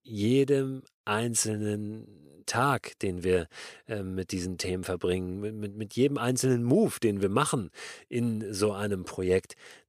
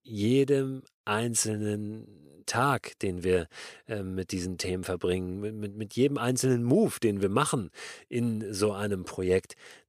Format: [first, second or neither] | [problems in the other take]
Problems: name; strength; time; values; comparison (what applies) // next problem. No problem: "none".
neither | none